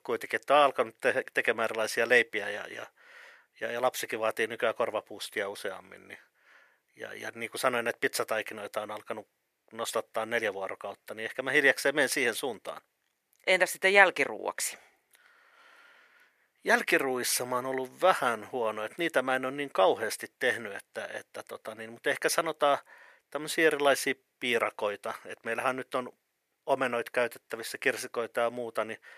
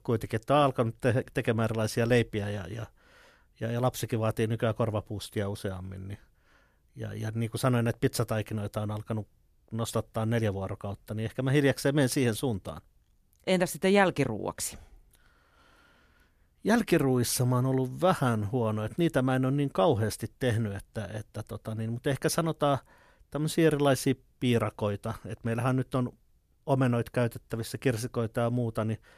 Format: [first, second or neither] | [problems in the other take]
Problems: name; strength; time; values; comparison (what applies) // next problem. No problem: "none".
second | thin; very; fading below 550 Hz